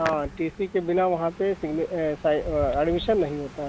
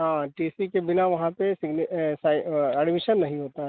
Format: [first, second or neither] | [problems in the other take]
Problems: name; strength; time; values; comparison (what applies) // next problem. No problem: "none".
second | background sound (Hands); 13 dB below the speech